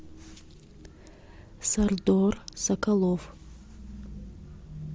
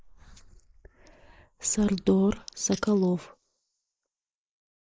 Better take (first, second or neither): first